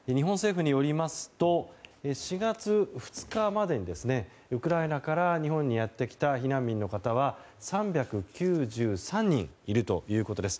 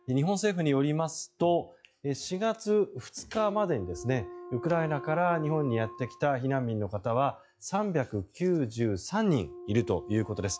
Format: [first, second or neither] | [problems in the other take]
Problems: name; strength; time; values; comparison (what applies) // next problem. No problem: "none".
first | noise reduction (classical method log-MMSE)